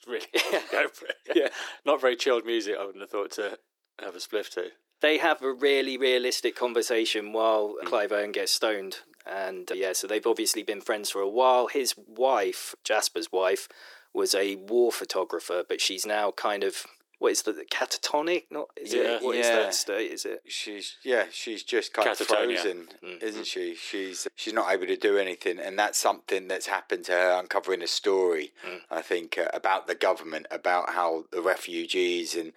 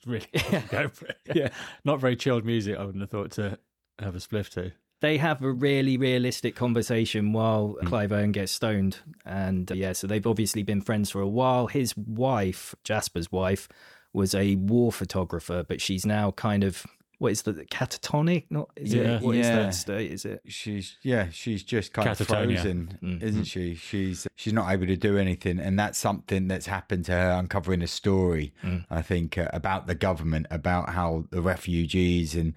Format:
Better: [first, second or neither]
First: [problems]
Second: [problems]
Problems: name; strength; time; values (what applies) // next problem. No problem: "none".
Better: second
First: thin; very; fading below 350 Hz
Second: none